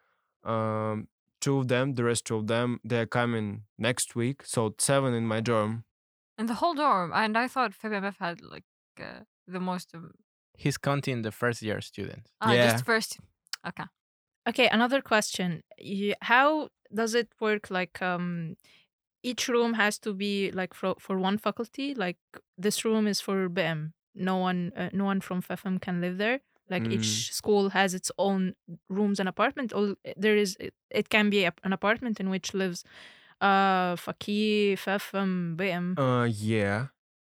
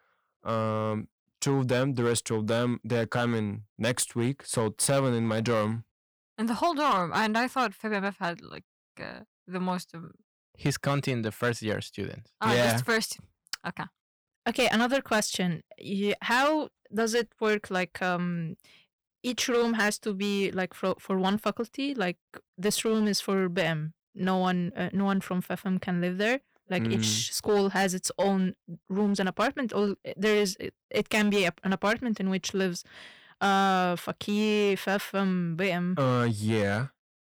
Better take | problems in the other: first | distortion; slight; 6% of the sound clipped

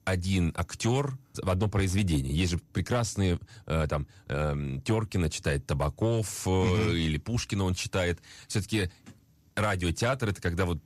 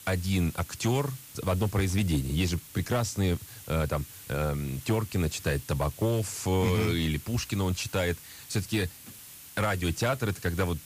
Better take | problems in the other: first | hiss; noticeable; throughout; 15 dB below the speech

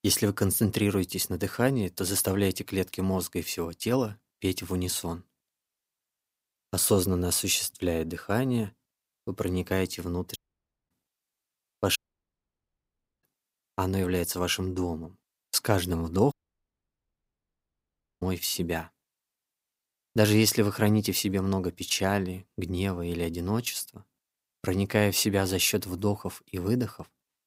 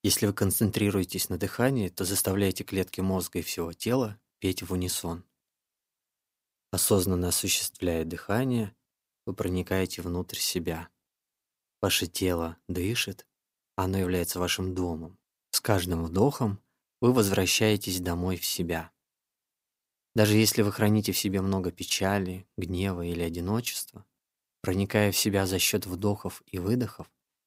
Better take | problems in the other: second | audio cutting out; at 10 s for 0.5 s, at 12 s for 1.5 s and at 16 s for 2 s

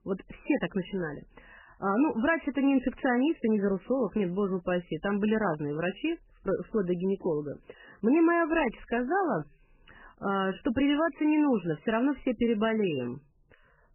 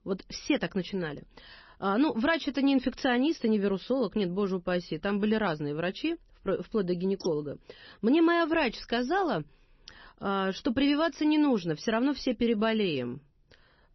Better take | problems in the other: second | garbled, watery; badly; nothing above 3 kHz; slightly in the second

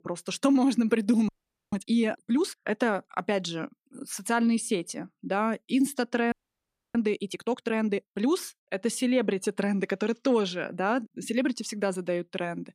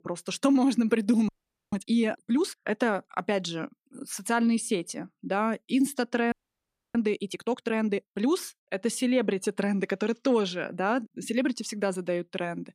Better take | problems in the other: neither | audio freezing; at 1.5 s and at 6.5 s for 0.5 s; the same in both

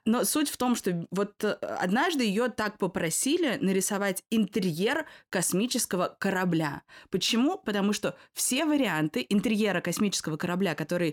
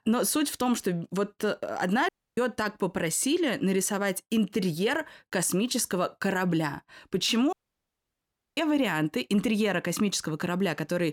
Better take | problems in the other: first | audio cutting out; at 2 s and at 7.5 s for 1 s

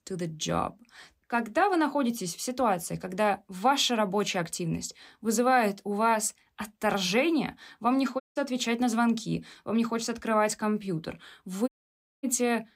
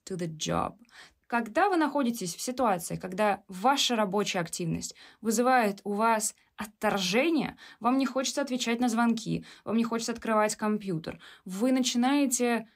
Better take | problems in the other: second | audio cutting out; at 8 s and at 12 s for 0.5 s

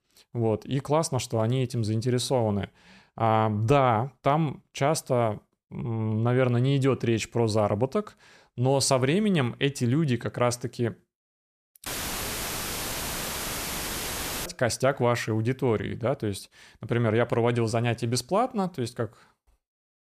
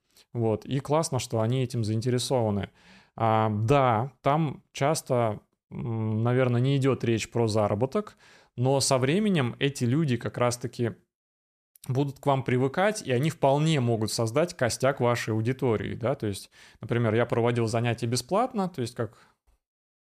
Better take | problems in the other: second | audio cutting out; filled with static; at 12 s for 2.5 s

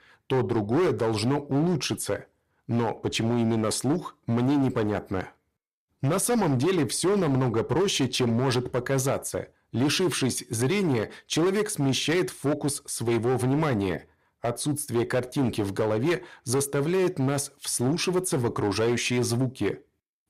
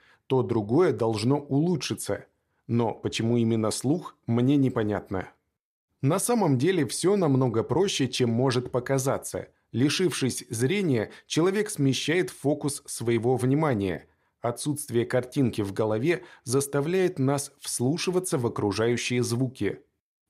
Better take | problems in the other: second | distortion; slight; 13% of the sound clipped

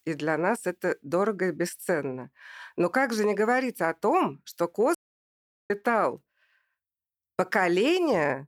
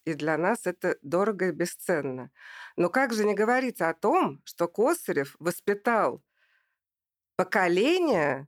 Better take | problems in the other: second | audio cutting out; at 5 s for 1 s

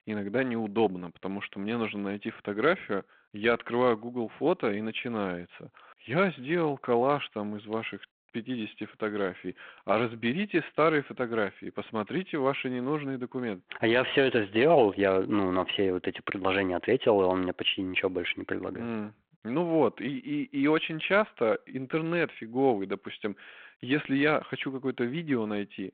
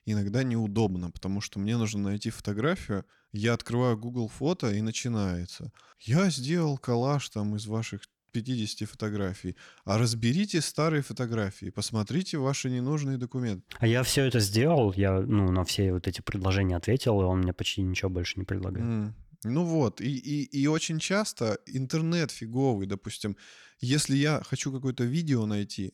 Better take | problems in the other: second | phone-call audio

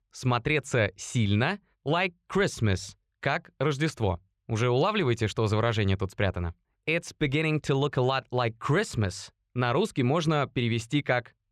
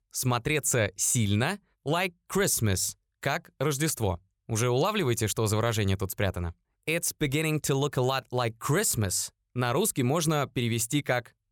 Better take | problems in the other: second | muffled; slightly; fading above 3 kHz

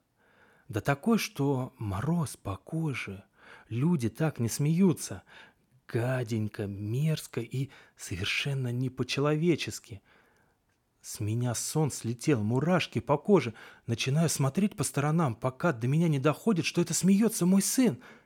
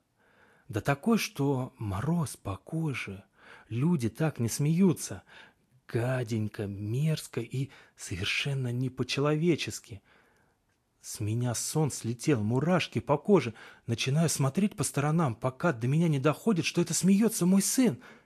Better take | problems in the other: first | garbled, watery; slightly; nothing above 12.5 kHz

